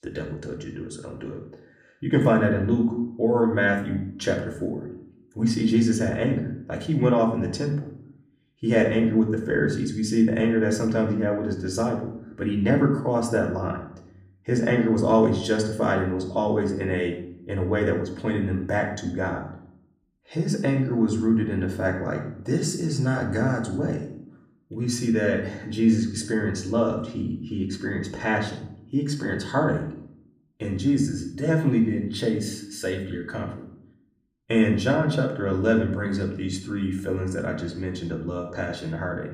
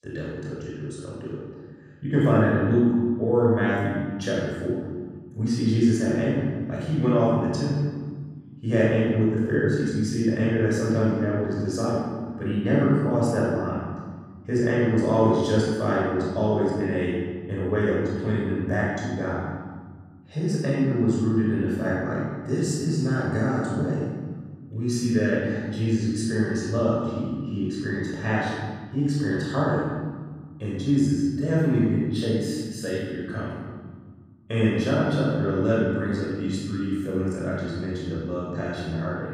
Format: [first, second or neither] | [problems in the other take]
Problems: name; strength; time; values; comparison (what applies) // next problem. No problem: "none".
first | room echo; strong; dies away in 1.5 s; slight in the first // off-mic speech; far; somewhat distant in the first